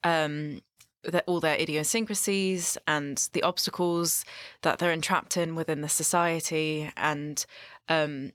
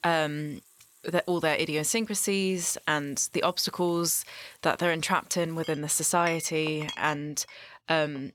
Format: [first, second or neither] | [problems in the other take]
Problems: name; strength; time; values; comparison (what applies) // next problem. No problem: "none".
first | household noises; noticeable; throughout; 20 dB below the speech